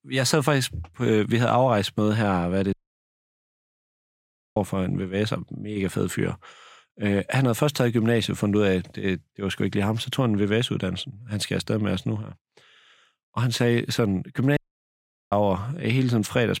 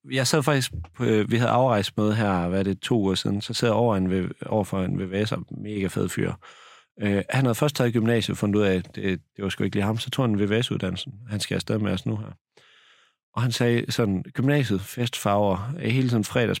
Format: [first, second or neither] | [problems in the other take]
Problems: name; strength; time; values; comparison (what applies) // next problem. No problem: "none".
second | audio cutting out; at 2.5 s for 2 s and at 15 s for 1 s